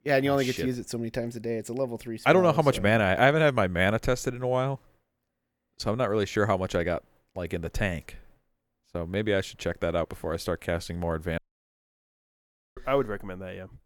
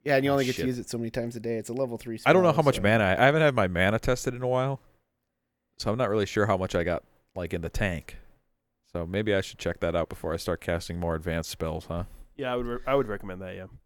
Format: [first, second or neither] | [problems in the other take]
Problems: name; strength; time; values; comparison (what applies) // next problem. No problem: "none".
second | audio cutting out; at 11 s for 1.5 s